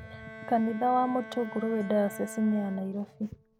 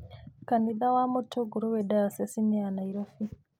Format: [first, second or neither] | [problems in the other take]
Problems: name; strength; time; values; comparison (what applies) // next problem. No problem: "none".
second | background sound (Bowed string instrument); 15 dB below the speech